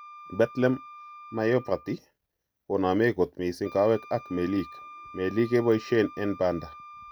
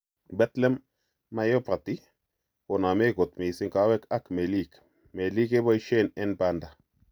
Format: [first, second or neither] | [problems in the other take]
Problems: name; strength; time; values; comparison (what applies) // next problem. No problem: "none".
second | background sound (Wind instrument, woodwind instrument); 19 dB below the speech